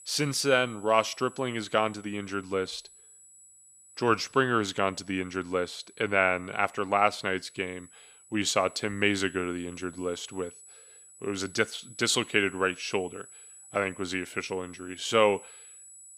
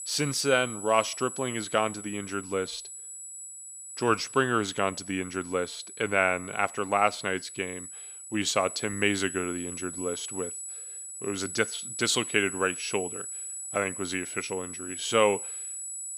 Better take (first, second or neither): first